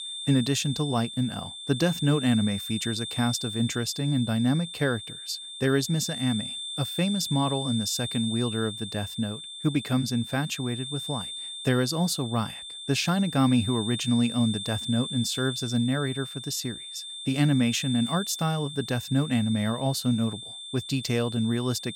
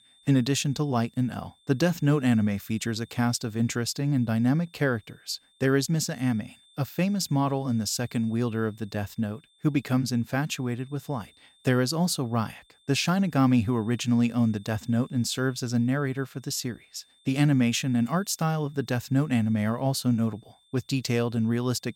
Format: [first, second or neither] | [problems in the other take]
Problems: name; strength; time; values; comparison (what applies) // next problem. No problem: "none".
second | high-pitched whine; loud; throughout; 3.5 kHz, 7 dB below the speech; faint in the second